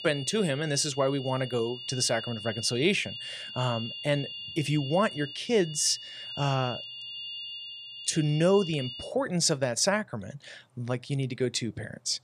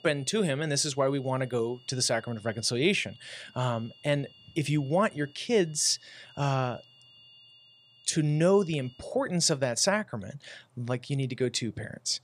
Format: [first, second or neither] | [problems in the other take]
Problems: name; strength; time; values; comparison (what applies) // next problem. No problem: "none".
second | high-pitched whine; loud; until 9 s; 3 kHz, 10 dB below the speech; faint in the second